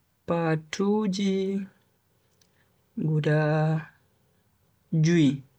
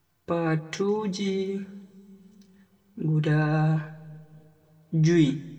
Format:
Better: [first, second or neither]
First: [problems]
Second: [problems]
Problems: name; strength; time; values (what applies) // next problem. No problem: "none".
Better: first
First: none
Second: room echo; dies away in 1 s